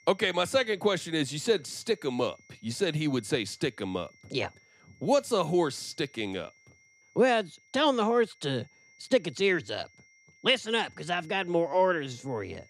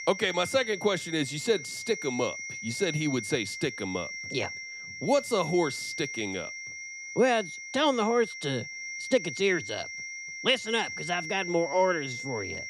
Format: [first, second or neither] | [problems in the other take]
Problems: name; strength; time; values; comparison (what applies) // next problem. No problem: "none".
first | high-pitched whine; loud; throughout; 2 kHz, 8 dB below the speech; faint in the first